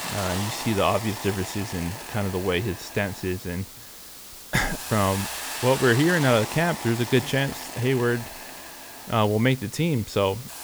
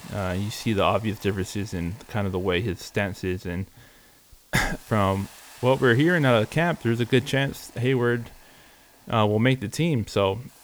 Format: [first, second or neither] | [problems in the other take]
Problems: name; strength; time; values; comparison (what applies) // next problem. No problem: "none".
second | hiss; loud; throughout; 9 dB below the speech; faint in the second